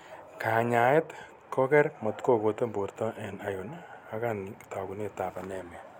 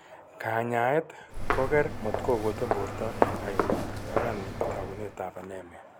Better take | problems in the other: first | background sound (Walk, footsteps); 1 dB above the speech

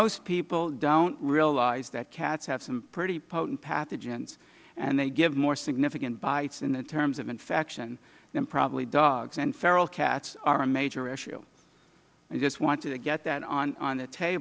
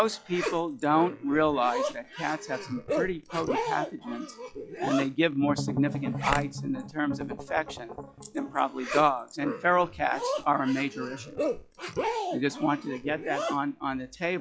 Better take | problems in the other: first | noise reduction (classical method log-MMSE)

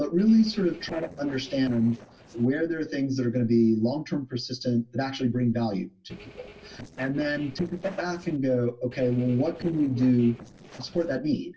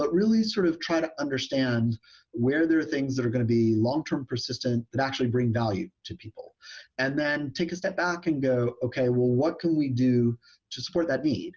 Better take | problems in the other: second | noise reduction (neural separator model SepFormer DNS4)

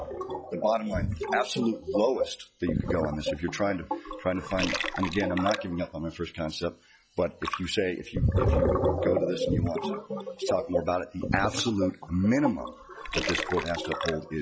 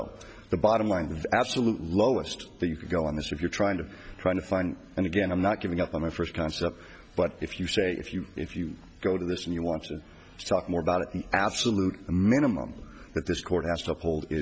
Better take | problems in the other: second | noise reduction (classical method log-MMSE)

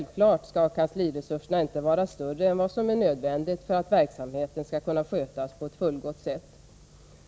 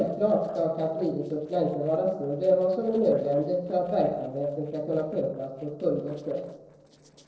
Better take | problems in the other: first | noise reduction (neural separator model SepFormer DNS4)

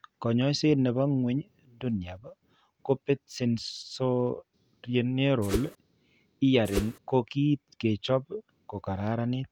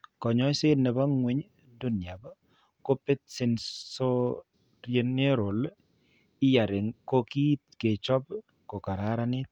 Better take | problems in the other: second | background sound (Whoosh, swoosh, swish); 3 dB below the speech

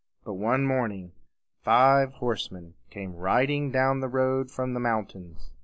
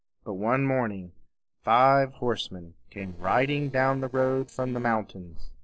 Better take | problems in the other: first | noise reduction (neural separator model SepFormer DNS4)

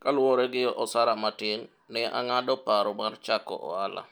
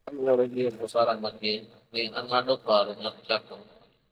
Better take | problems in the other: first | noise reduction (neural mask model DeepFilterNet 3)

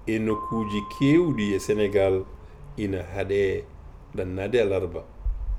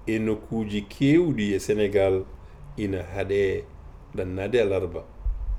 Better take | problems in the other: second | background sound (Percussion); 15 dB below the speech

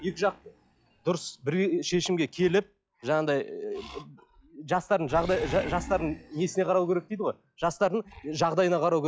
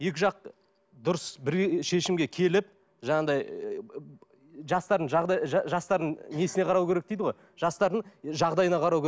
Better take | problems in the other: second | noise reduction (classical method log-MMSE)

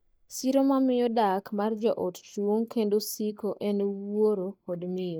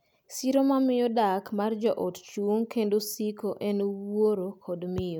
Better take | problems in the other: second | noise reduction (neural mask model DeepFilterNet 3)

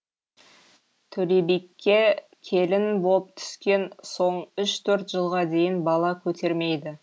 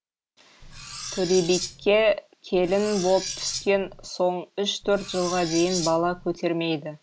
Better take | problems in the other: first | background sound (Cutlery, silverware); 10 dB below the speech

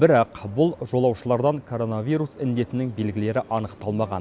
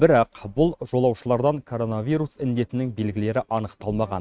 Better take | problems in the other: first | noise reduction (neural mask model RNNoise)

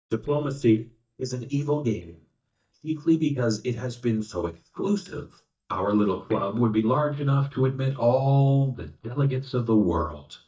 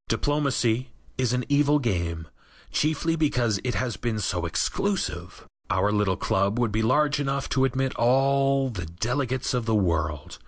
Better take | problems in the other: second | noise reduction (neural mask model DeepFilterNet 3)

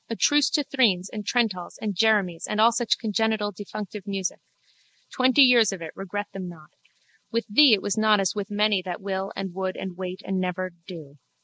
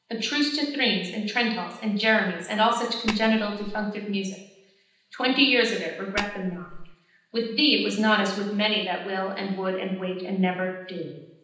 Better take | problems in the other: first | background sound (Tap); 9 dB below the speech // room echo; dies away in 0.9 s

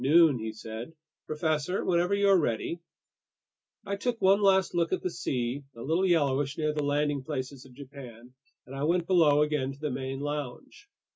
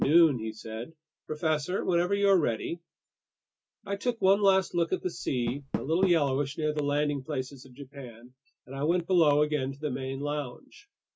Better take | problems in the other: first | background sound (Door); 15 dB below the speech

